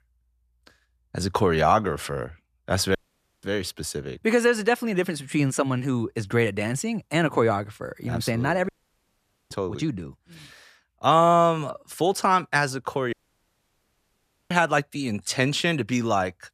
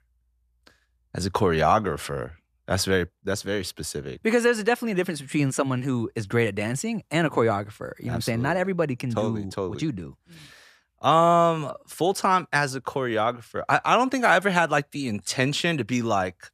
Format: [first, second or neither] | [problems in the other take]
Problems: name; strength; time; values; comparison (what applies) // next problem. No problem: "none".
second | audio cutting out; at 3 s, at 8.5 s for 1 s and at 13 s for 1.5 s